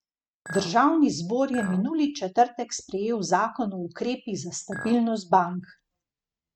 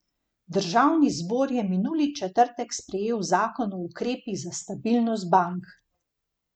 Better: second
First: noise reduction (neural mask model RNNoise)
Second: none

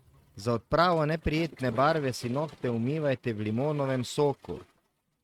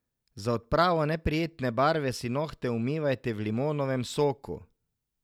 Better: second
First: noise reduction (neural mask model RNNoise)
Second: none

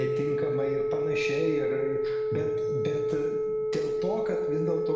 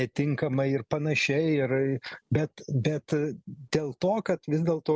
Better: second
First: background sound (Telephone); 5 dB above the speech // room echo; dies away in 0.9 s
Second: none

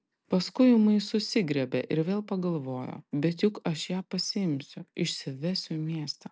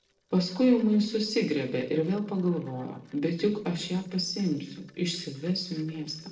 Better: first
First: none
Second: noise reduction (neural separator model SepFormer DNS4)

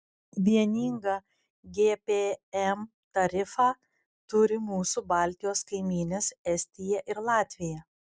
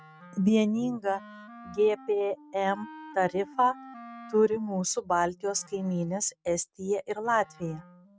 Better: first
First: none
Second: noise reduction (neural mask model RNNoise)

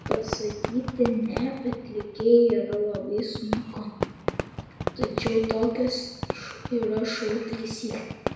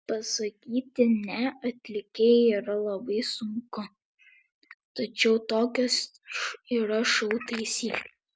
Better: second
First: background sound (Fireworks); 7 dB below the speech // room echo; dies away in 1 s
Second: none

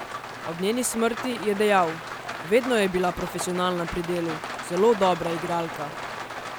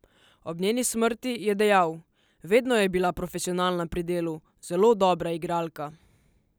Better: second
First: background sound (Rain); 9 dB below the speech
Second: none

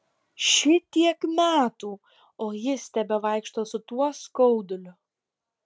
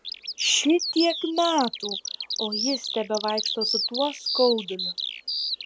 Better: first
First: none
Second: background sound (Bird vocalization, bird call, bird song); 4 dB below the speech

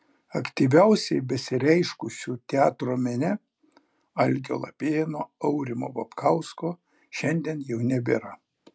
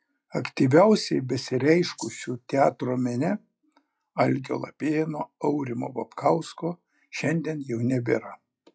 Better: first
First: none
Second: noise reduction (classical method log-MMSE)

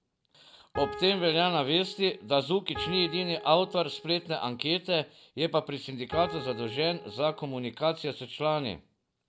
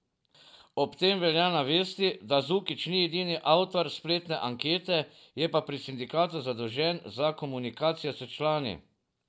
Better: second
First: background sound (Piano); 12 dB below the speech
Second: none

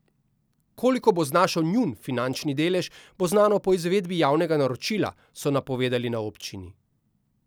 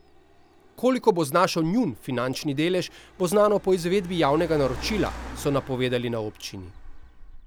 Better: first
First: none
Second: background sound (Car); 16 dB below the speech

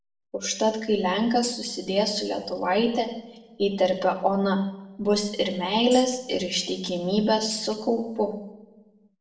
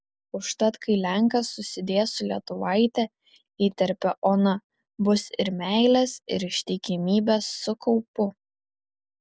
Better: second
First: noise reduction (neural separator model SepFormer DNS4)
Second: none

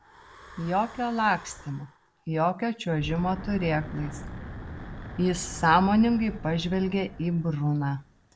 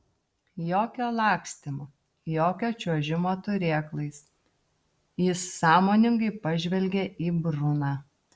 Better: second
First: background sound (Wind / Breathing); 14 dB below the speech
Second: none

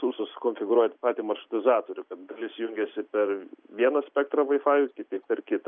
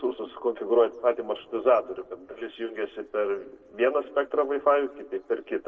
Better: first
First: none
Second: noise reduction (neural separator model SepFormer DNS4)

